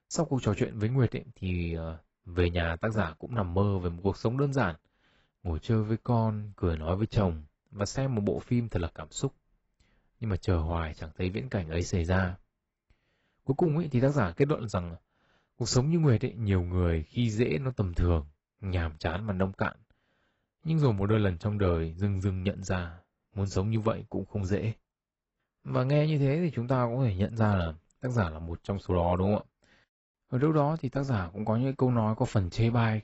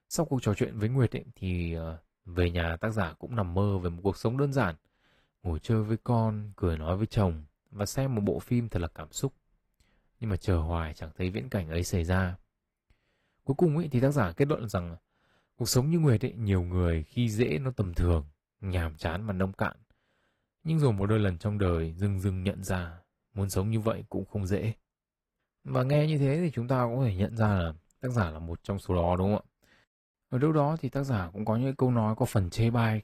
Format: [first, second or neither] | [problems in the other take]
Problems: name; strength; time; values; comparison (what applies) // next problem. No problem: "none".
second | garbled, watery; badly; nothing above 7.5 kHz; slightly in the second